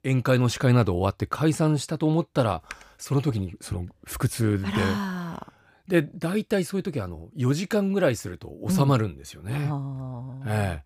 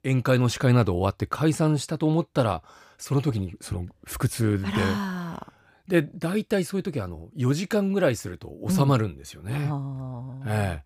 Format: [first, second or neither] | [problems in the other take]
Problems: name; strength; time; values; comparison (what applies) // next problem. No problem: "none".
second | keyboard typing; faint; at 2.5 s; peak 20 dB below the speech